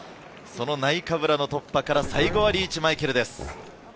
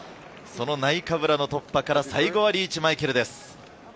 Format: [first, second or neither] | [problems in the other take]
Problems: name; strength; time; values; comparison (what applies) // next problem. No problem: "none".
second | background sound (Growling); 9 dB below the speech